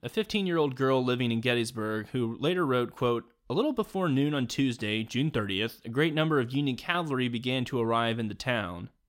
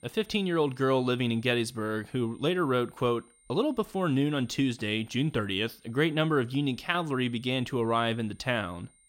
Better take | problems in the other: first | high-pitched whine; faint; throughout; 9 kHz, 30 dB below the speech

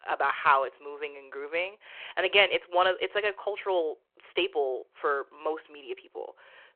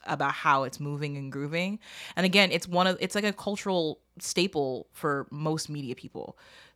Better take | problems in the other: second | phone-call audio

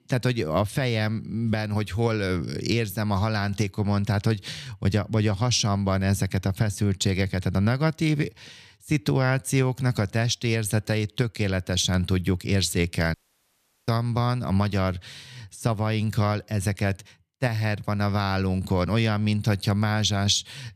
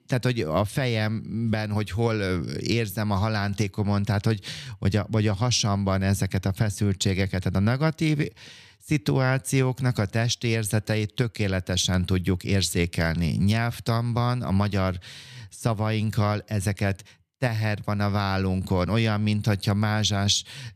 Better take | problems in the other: second | audio cutting out; at 13 s for 0.5 s

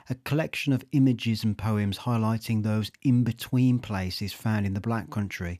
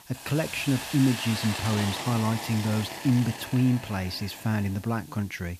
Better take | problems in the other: first | hiss; loud; throughout; 8 dB below the speech

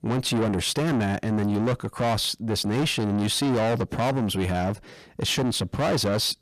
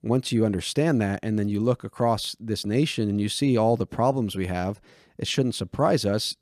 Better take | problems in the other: second | distortion; heavy; 6 dB below the speech

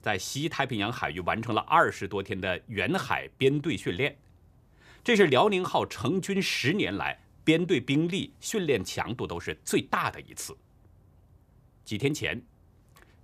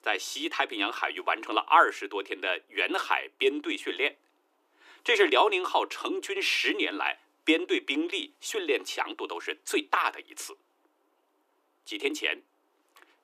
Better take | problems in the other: first | thin; somewhat; fading below 300 Hz

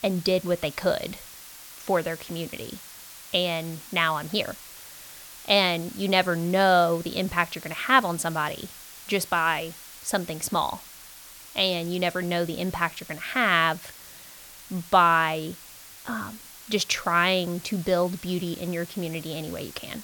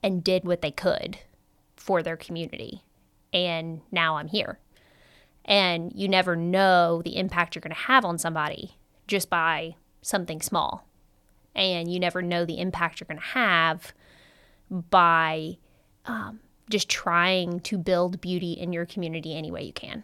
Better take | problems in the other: second | hiss; noticeable; throughout; 15 dB below the speech

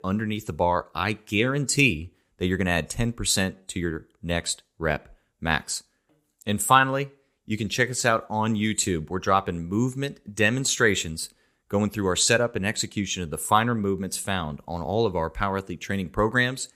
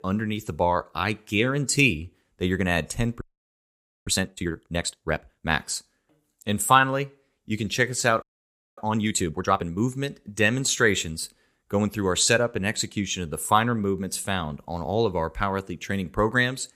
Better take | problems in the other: first | audio freezing; at 3 s for 1 s and at 8 s for 0.5 s

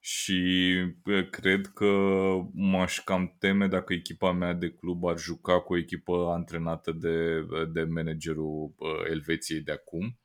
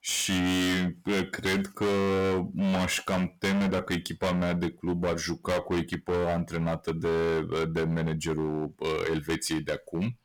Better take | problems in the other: first | distortion; heavy; 22% of the sound clipped

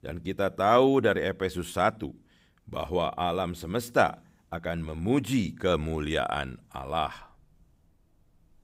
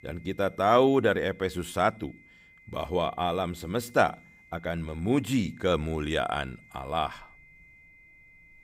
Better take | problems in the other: first | high-pitched whine; faint; throughout; 2 kHz, 25 dB below the speech

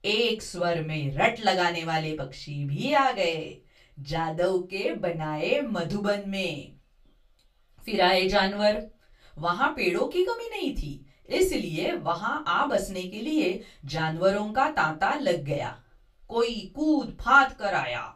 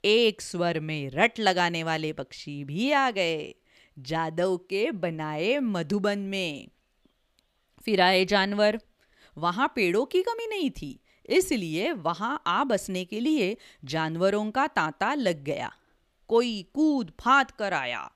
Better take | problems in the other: second | off-mic speech; far // room echo; very slight; dies away in 0.2 s

